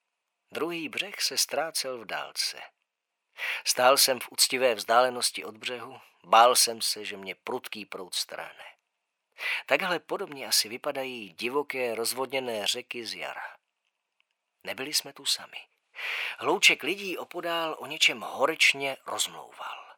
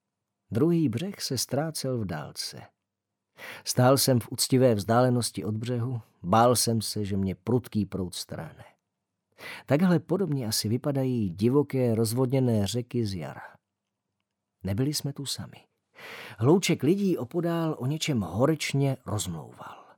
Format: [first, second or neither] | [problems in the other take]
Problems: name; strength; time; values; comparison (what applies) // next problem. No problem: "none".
second | thin; very; fading below 750 Hz